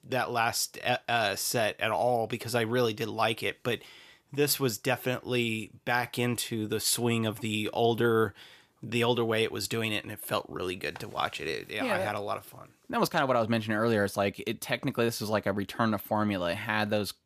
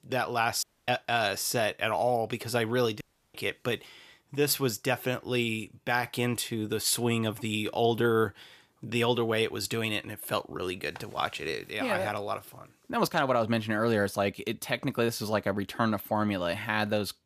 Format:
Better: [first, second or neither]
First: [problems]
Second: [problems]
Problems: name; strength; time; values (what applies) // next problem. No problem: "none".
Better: first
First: none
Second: audio cutting out; at 0.5 s and at 3 s